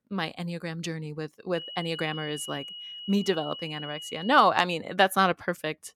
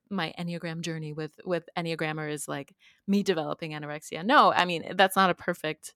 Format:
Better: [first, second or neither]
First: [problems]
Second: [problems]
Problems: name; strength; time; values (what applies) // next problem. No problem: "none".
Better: second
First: high-pitched whine; noticeable; from 1.5 to 4.5 s; 3 kHz, 10 dB below the speech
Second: none